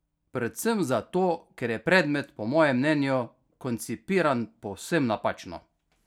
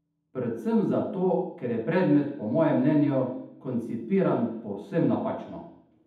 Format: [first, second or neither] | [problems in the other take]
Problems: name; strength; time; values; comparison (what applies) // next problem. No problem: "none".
first | room echo; dies away in 0.8 s